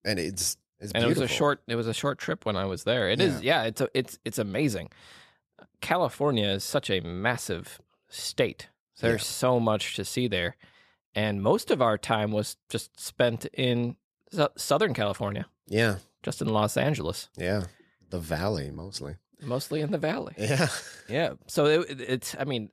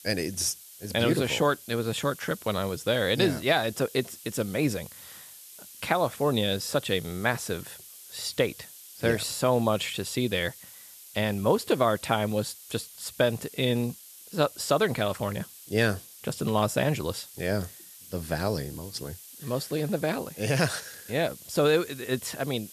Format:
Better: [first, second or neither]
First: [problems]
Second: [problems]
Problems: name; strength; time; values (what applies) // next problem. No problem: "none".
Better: first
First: none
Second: hiss; noticeable; throughout; 15 dB below the speech